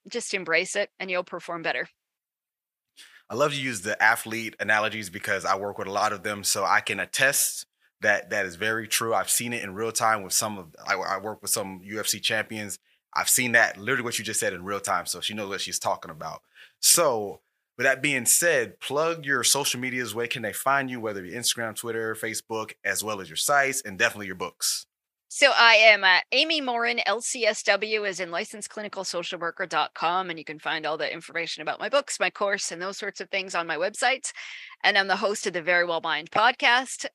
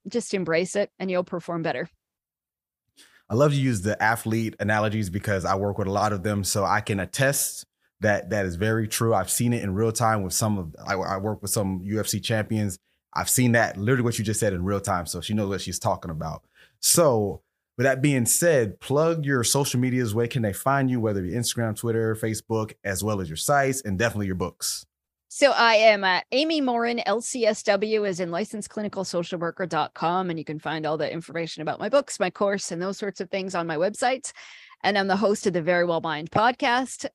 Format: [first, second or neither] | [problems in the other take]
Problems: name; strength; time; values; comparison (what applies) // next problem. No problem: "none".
second | thin; somewhat; fading below 850 Hz